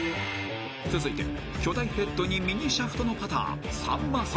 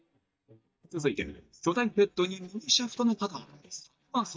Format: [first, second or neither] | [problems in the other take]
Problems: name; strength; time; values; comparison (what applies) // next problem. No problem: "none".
first | noise reduction (neural mask model DeepFilterNet 3)